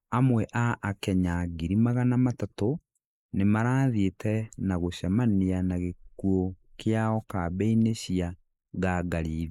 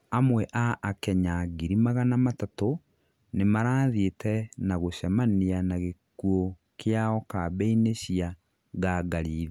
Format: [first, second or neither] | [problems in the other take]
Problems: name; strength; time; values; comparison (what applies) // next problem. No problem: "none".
second | noise reduction (neural mask model Resemble Enhance denoiser)